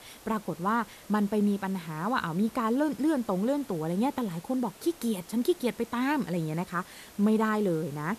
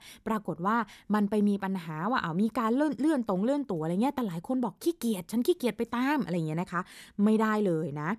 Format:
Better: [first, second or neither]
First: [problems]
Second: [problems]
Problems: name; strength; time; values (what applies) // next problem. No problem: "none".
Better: second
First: hiss; faint; throughout; 20 dB below the speech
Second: none